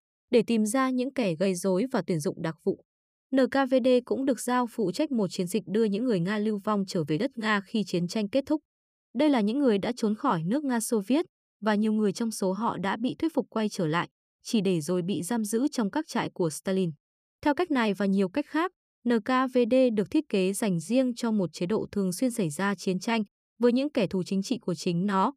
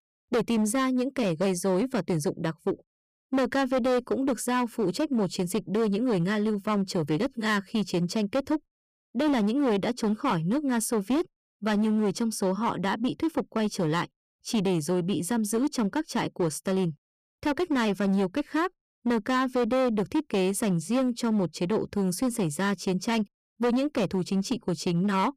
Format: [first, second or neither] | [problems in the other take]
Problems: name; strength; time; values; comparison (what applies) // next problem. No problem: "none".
first | distortion; slight; 13% of the sound clipped